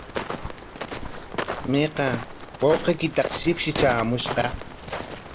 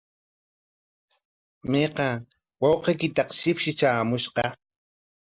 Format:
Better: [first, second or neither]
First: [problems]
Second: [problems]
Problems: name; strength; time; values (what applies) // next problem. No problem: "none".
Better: second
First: background sound (Walk, footsteps); 6 dB below the speech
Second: none